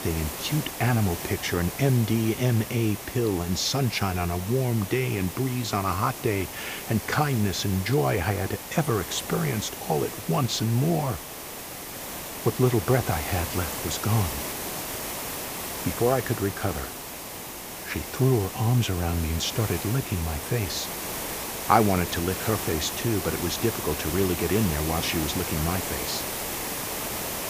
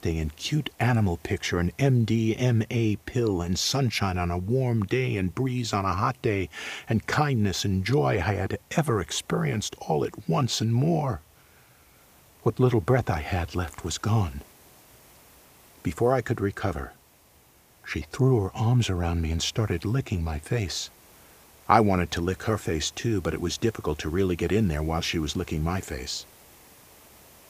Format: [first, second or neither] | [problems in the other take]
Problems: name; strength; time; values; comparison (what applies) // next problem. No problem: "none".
second | hiss; loud; throughout; 6 dB below the speech; faint in the second